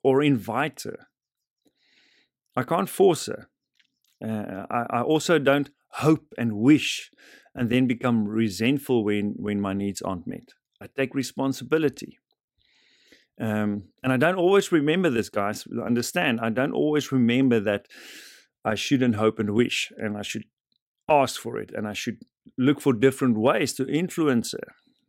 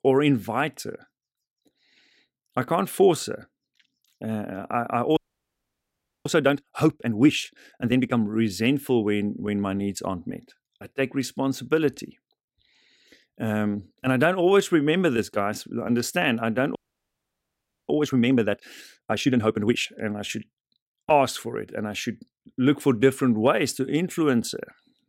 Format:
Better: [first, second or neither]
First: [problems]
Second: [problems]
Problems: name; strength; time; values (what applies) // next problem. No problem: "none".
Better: first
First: none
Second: audio freezing; at 5 s for 1 s and at 17 s for 1 s